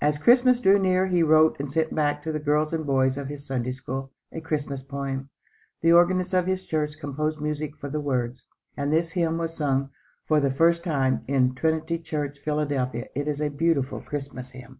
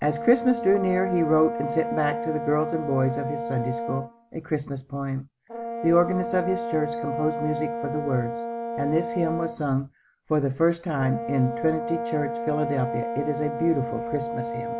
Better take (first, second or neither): first